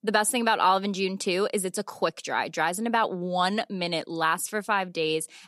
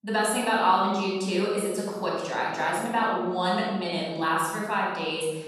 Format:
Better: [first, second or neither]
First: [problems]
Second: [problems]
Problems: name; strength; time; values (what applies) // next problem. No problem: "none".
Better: first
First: none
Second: room echo; strong; dies away in 1.3 s // off-mic speech; far